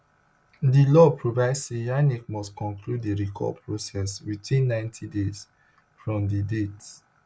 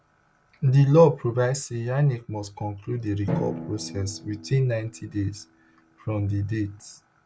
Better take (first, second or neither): first